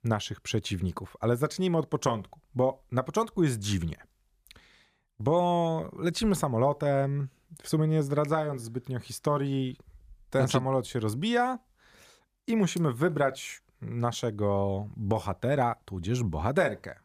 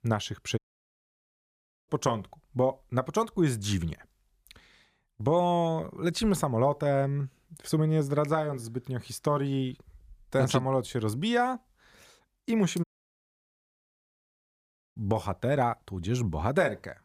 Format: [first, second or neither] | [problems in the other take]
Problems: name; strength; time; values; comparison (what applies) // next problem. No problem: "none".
first | audio cutting out; at 0.5 s for 1.5 s and at 13 s for 2 s